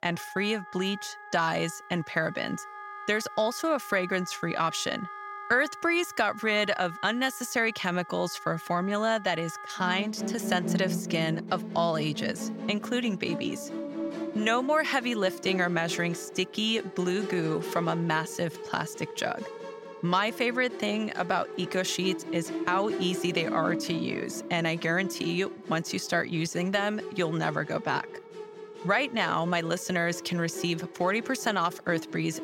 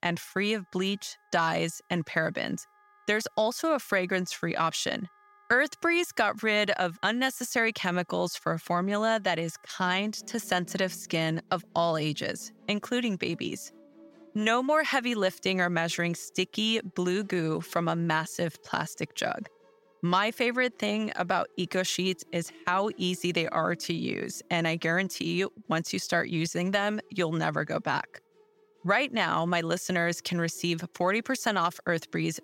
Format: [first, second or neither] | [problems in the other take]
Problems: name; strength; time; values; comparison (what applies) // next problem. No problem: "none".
second | background music; loud; throughout; 10 dB below the speech; faint in the second